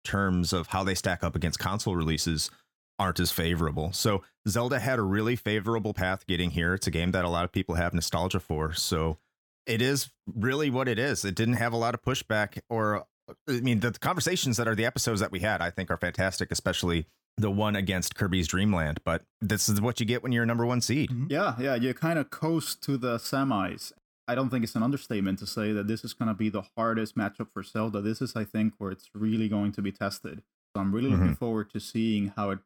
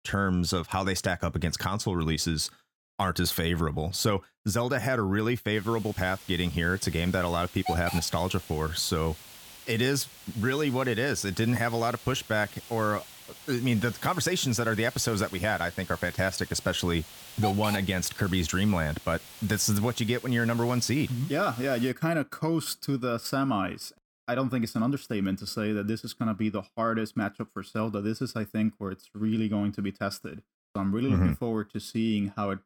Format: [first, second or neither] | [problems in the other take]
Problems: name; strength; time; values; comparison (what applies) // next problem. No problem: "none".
first | hiss; noticeable; from 5.5 to 22 s; 15 dB below the speech